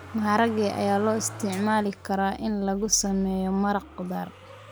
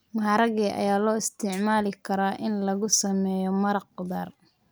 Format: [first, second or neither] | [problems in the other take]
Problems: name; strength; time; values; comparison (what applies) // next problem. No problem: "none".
second | background sound (Motor vehicle (road)); 16 dB below the speech